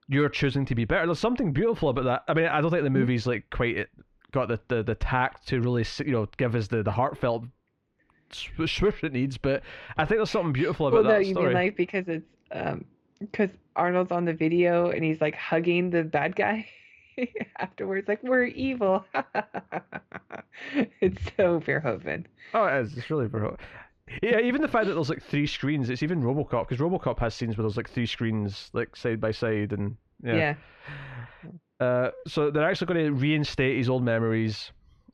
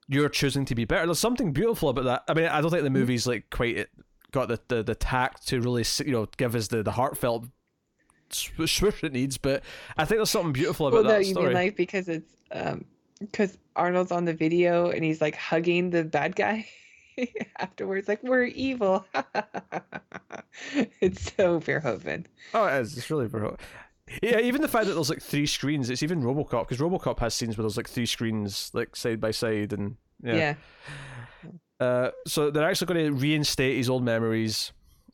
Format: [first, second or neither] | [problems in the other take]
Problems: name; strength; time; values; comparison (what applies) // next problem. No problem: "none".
second | muffled; slightly; fading above 2.5 kHz